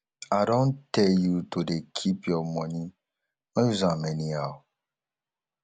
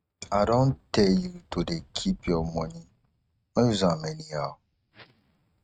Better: first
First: none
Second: noise reduction (neural mask model RNNoise)

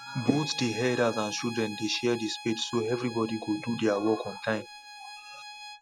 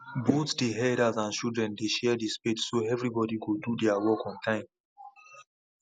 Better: second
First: background sound (Bowed string instrument); 13 dB below the speech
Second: none

